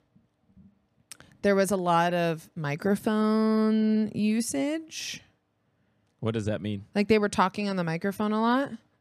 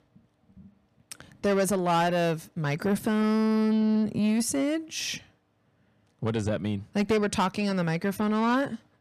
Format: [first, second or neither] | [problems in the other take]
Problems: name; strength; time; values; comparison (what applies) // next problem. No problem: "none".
first | distortion; slight; 10 dB below the speech